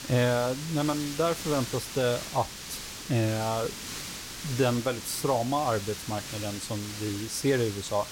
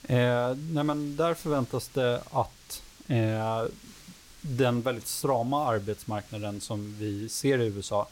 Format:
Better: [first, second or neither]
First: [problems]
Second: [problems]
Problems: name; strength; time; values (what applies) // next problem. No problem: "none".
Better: second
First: hiss; loud; throughout; 8 dB below the speech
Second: hiss; faint; throughout; 20 dB below the speech